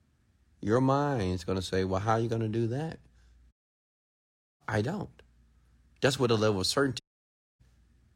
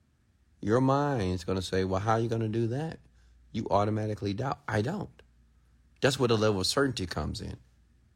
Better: second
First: audio cutting out; at 3.5 s for 1 s and at 7 s for 0.5 s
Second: none

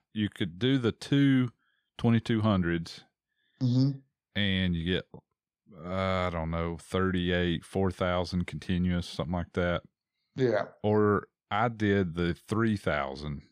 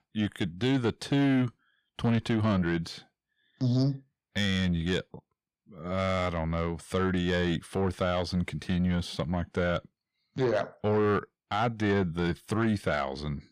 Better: first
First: none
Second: distortion; slight; 10 dB below the speech

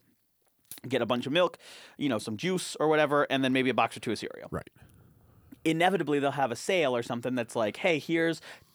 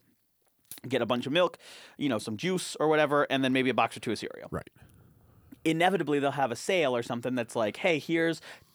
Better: neither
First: none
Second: none

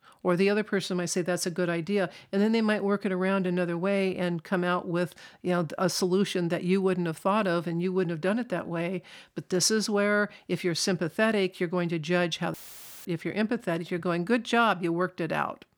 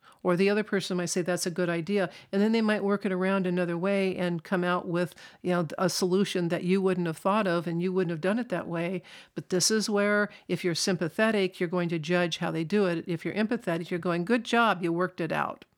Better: second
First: audio cutting out; filled with static; at 13 s for 0.5 s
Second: none

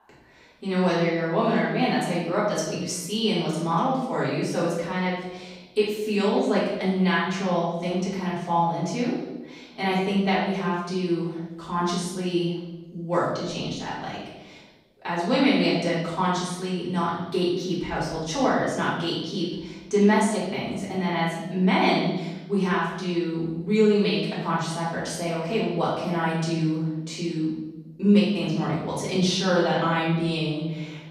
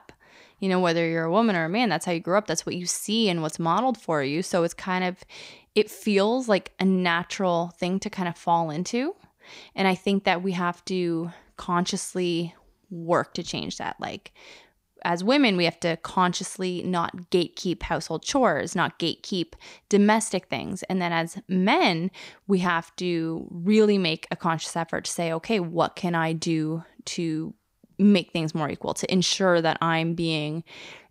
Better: second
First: room echo; noticeable; dies away in 1 s // off-mic speech; far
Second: none

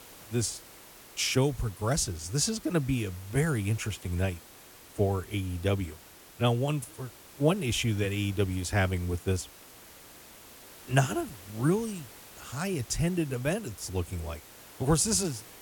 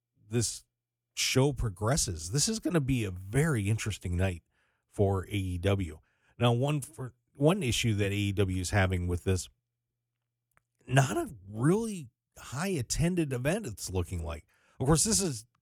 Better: second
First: hiss; noticeable; throughout; 20 dB below the speech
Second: none

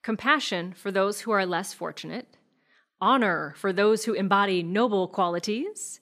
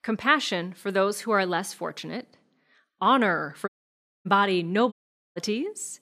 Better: first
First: none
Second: audio cutting out; at 3.5 s for 0.5 s and at 5 s

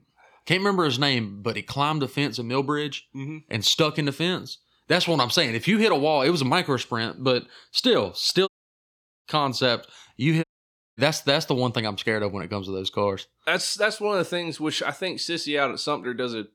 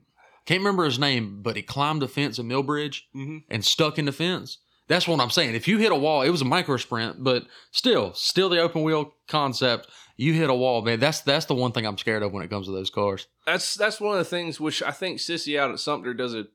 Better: second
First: audio cutting out; at 8.5 s for 1 s and at 10 s for 0.5 s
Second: none

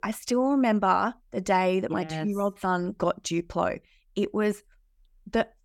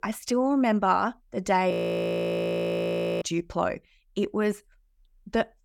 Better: first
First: none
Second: audio freezing; at 1.5 s for 1.5 s

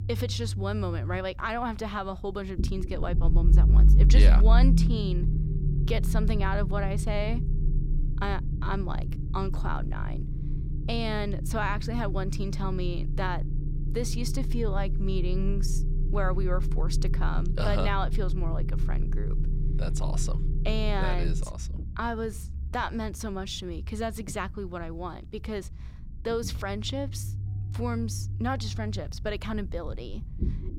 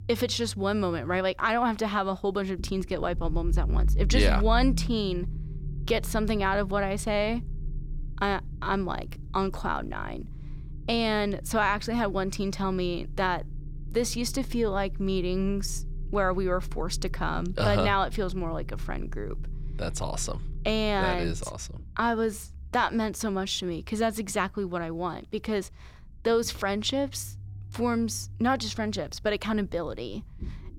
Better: second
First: low rumble; loud; throughout; 9 dB below the speech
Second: low rumble; faint; throughout; 25 dB below the speech

